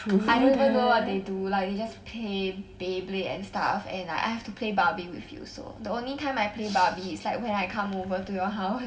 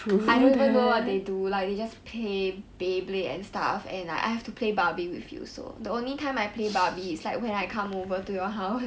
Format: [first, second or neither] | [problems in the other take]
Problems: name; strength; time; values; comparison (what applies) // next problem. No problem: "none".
second | room echo; dies away in 1 s